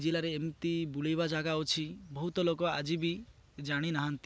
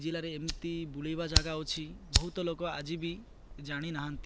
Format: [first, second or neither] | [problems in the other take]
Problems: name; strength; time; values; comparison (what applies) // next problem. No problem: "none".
first | background sound (Fire); 1 dB above the speech